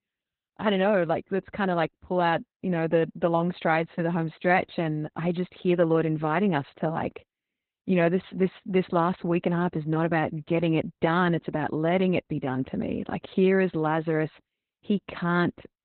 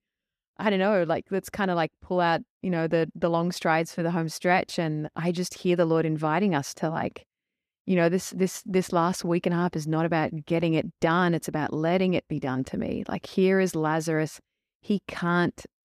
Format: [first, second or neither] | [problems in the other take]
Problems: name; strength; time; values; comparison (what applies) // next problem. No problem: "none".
second | garbled, watery; badly; nothing above 4 kHz